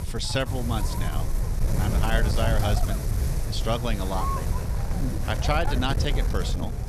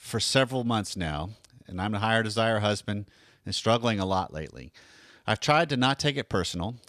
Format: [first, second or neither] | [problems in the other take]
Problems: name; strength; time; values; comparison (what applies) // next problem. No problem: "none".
second | wind noise on the microphone; heavy; 5 dB below the speech